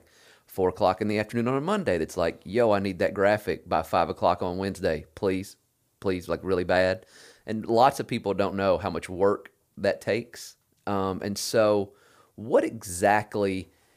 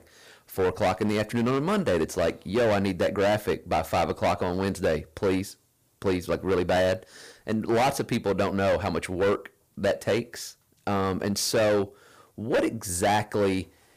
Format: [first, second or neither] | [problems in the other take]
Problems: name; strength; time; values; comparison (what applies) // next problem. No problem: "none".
first | distortion; heavy; 13% of the sound clipped